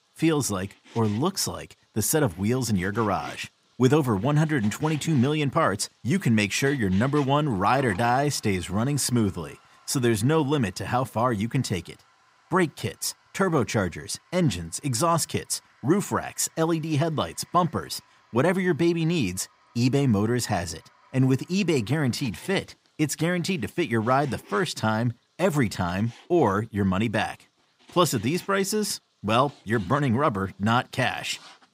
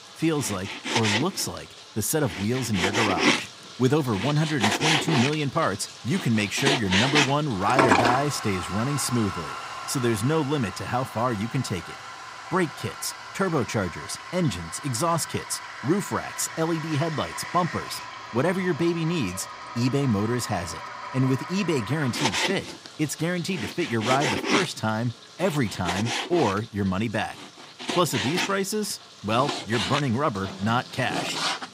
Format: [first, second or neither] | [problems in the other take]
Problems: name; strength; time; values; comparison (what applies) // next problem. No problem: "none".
first | household noises; loud; throughout; 3 dB below the speech; faint in the first